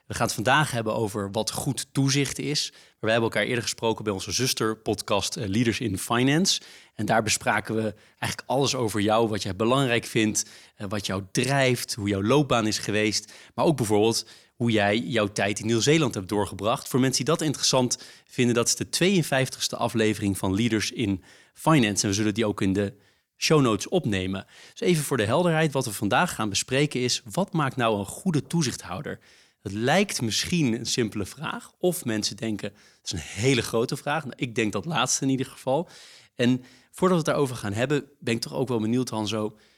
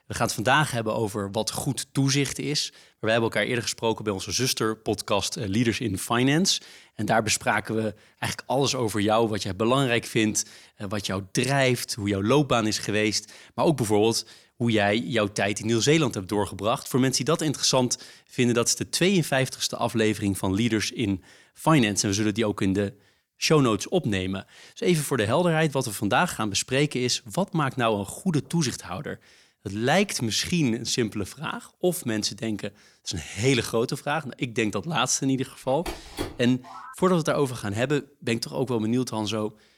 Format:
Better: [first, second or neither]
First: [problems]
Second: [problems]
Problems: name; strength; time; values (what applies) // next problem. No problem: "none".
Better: first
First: none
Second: phone ringing; noticeable; from 36 to 37 s; peak 9 dB below the speech